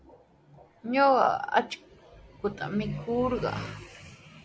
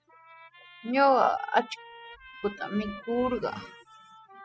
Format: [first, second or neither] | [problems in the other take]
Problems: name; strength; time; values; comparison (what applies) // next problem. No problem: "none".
first | noise reduction (classical method spectral subtraction)